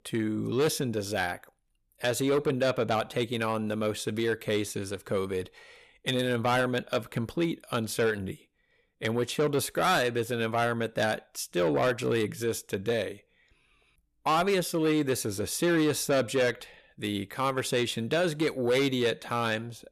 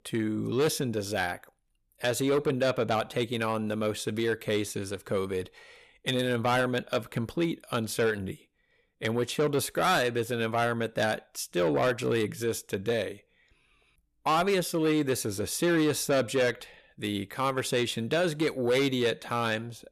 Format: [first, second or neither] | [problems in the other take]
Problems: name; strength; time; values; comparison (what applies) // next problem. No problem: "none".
neither | distortion; slight; 10 dB below the speech; the same in both